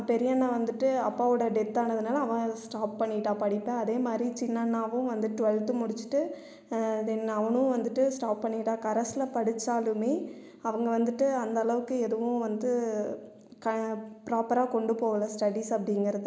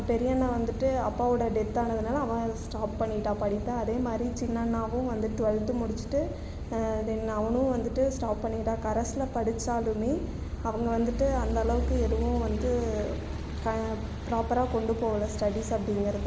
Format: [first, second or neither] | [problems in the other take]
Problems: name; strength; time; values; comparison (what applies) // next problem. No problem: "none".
first | background sound (Car passing by / Idling / Accelerating, revving, vroom); 5 dB below the speech